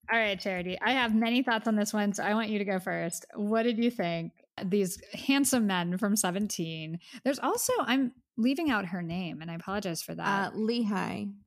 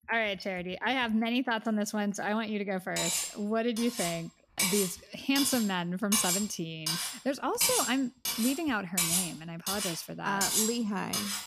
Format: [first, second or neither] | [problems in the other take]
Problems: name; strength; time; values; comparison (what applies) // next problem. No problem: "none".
first | clattering dishes; loud; from 3 s on; peak 5 dB above the speech